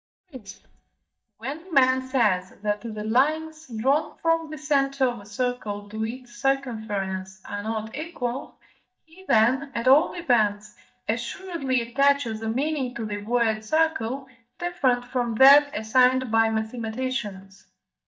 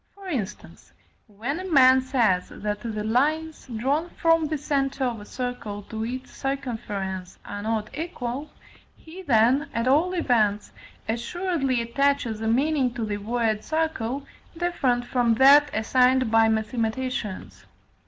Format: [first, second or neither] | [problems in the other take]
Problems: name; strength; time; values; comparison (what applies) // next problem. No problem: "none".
second | noise reduction (neural mask model DeepFilterNet 3)